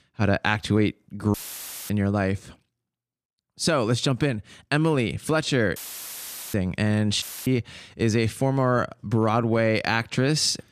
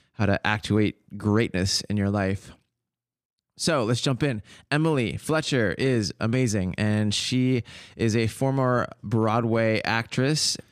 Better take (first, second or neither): second